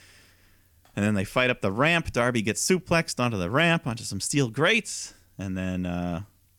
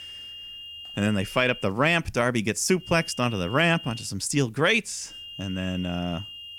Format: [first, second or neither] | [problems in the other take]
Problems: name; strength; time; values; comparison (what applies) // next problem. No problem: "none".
first | high-pitched whine; noticeable; until 1.5 s, from 3 to 4 s and from 5 s on; 3 kHz, 15 dB below the speech